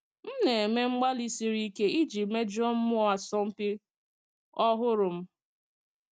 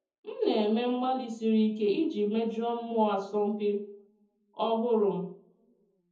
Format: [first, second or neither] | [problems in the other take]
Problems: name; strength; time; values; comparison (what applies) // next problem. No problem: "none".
first | room echo; dies away in 0.6 s